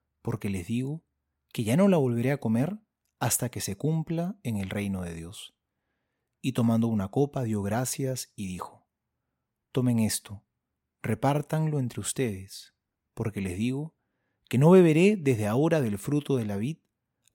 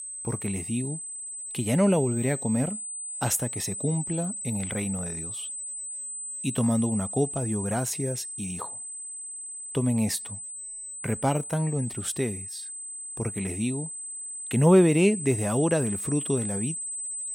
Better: first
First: none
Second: high-pitched whine; loud; throughout; 8 kHz, 6 dB below the speech

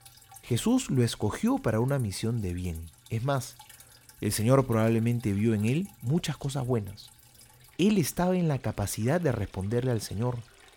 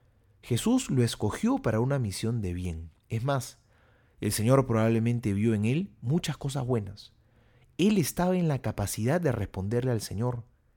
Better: second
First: rain or running water; faint; throughout; 25 dB below the speech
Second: none

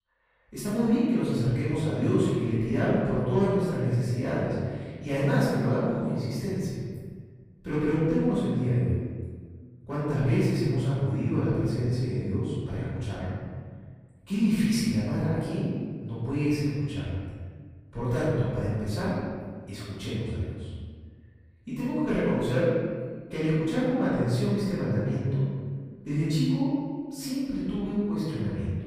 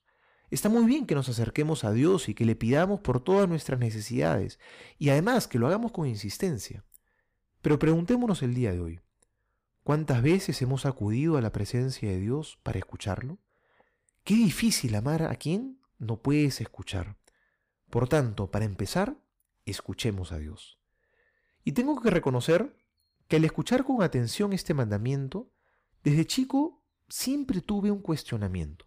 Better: second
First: off-mic speech; far // room echo; strong; dies away in 1.7 s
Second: none

